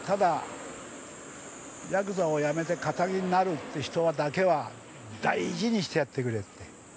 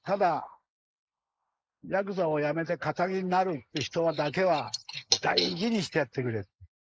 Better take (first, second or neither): first